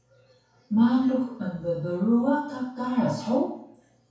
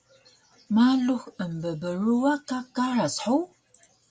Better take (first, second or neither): second